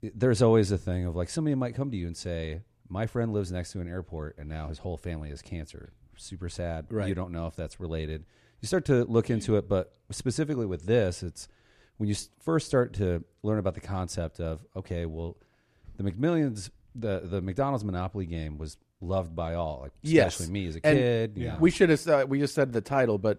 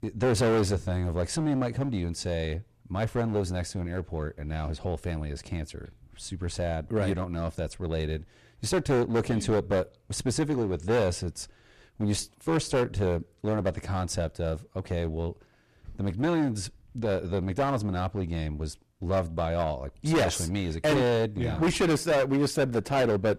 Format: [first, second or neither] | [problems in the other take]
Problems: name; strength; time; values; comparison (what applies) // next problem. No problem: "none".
first | distortion; heavy; 12% of the sound clipped